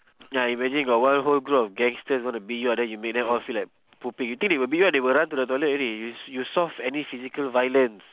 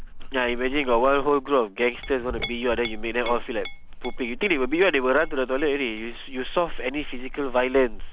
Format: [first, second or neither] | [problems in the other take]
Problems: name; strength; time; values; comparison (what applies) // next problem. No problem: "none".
first | background sound (Chink, clink); 8 dB below the speech